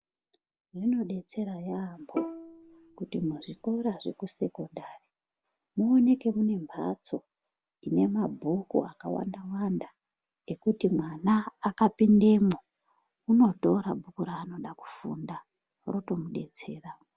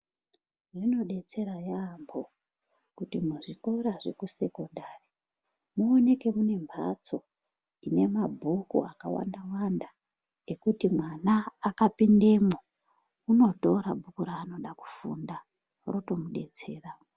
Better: second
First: background sound (Bowed string instrument); 11 dB below the speech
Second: none

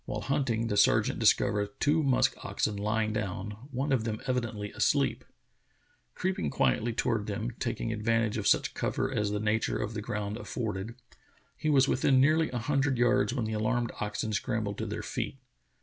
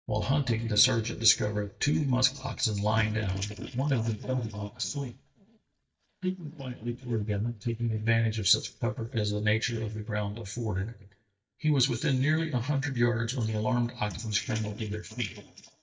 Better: first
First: none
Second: noise reduction (neural mask model DeepFilterNet 3)

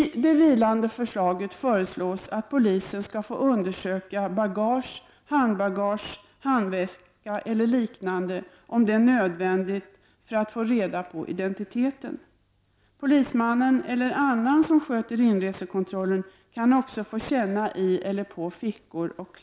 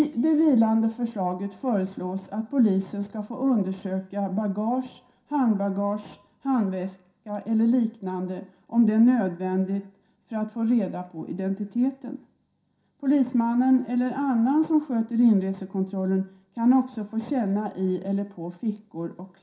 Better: first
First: none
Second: room echo; dies away in 0.3 s

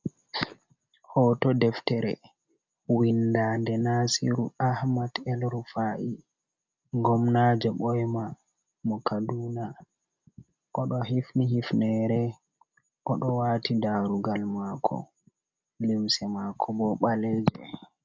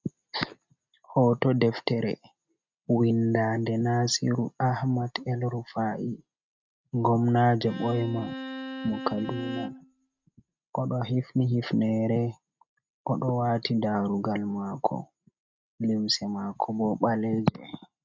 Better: first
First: none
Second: noise reduction (neural mask model RNNoise)

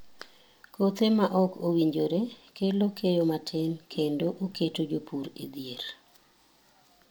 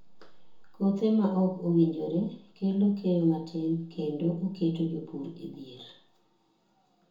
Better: first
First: none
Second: room echo; dies away in 0.6 s

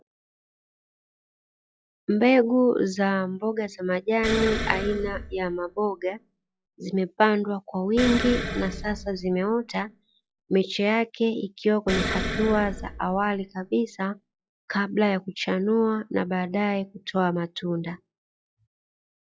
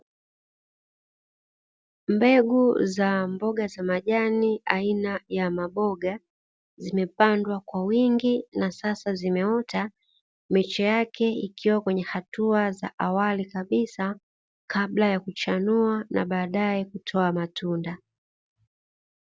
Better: second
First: noise reduction (classical method log-MMSE)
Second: none

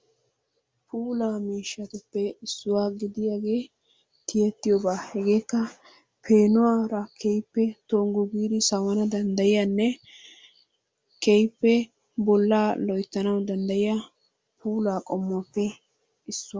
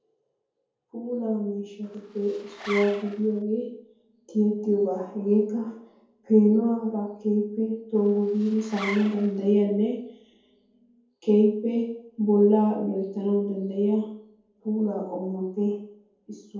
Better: first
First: none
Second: background sound (Zipper (clothing)); 14 dB below the speech // room echo; dies away in 0.7 s

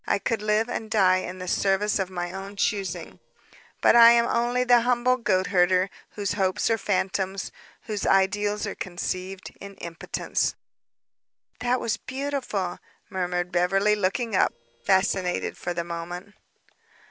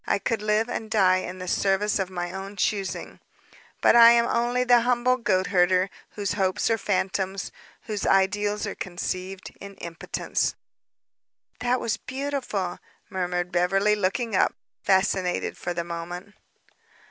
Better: second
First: noise reduction (neural separator model SepFormer DNS4)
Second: none

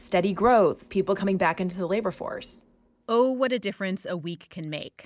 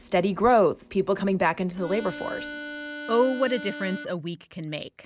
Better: first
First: none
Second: background sound (Harmonica); 11 dB below the speech

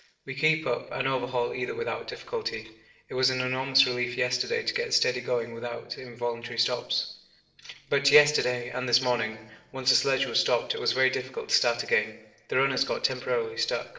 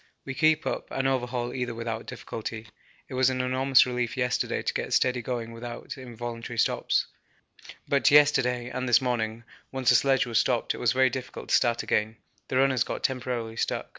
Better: second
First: noise reduction (neural separator model SepFormer DNS4)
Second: none

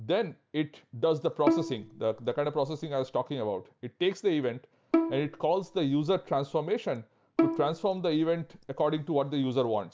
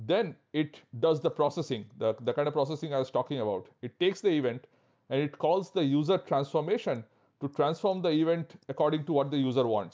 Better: second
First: background sound (Bowed string instrument); 4 dB below the speech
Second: none

